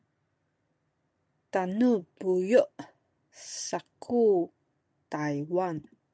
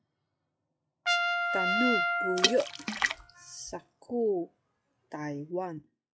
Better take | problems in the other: first | noise reduction (classical method log-MMSE)

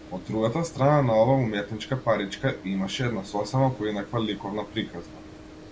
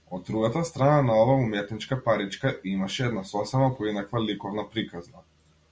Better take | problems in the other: second | background sound (Brass instrument + Water); 18 dB below the speech

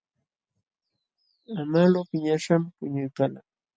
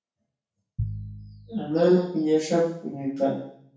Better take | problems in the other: first | background sound (Piano); 11 dB below the speech // room echo; dies away in 0.6 s

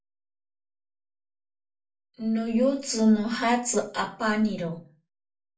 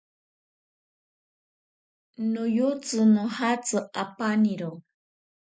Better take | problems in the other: second | room echo; dies away in 0.3 s

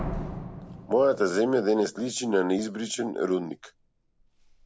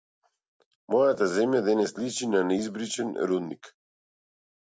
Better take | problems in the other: second | background sound (Slam); 13 dB below the speech

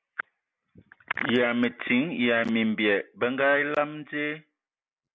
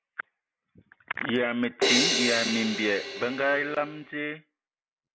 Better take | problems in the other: first | background sound (Crash cymbal); 1 dB above the speech

